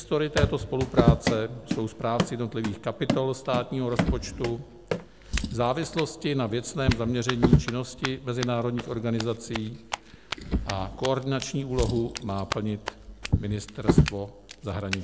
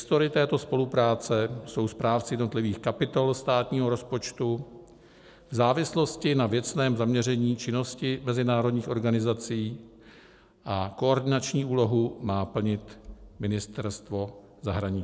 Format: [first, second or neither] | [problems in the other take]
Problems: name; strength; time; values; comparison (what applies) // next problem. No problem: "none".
second | background sound (Drawer open or close + Run); as loud as the speech